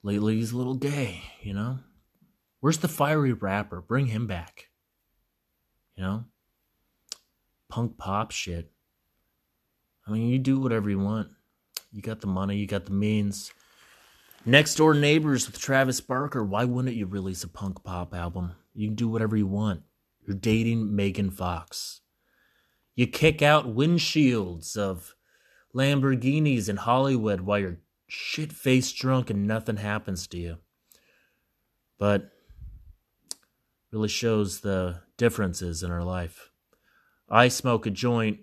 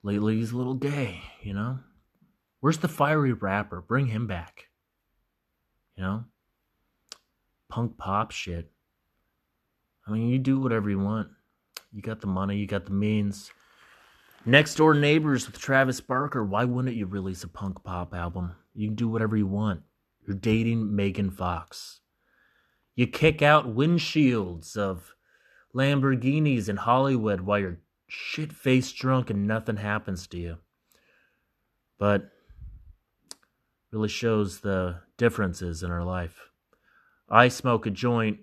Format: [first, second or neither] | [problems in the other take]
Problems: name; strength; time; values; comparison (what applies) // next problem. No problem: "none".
first | muffled; very slightly; fading above 4 kHz